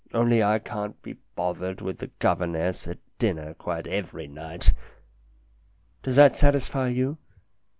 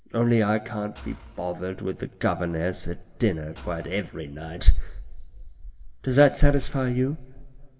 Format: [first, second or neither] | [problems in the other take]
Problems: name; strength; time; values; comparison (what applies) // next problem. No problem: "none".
first | background sound (Engine / Car); 20 dB below the speech // room echo; dies away in 1.1 s